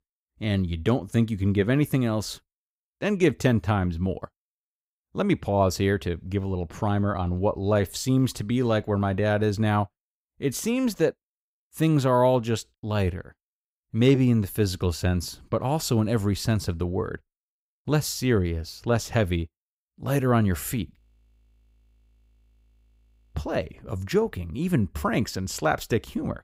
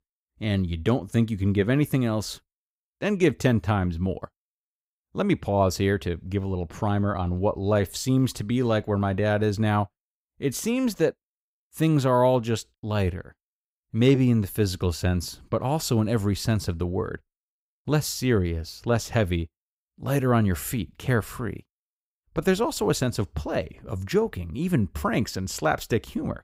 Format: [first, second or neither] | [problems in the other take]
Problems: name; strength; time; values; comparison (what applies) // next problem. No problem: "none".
second | audio freezing; at 21 s for 2.5 s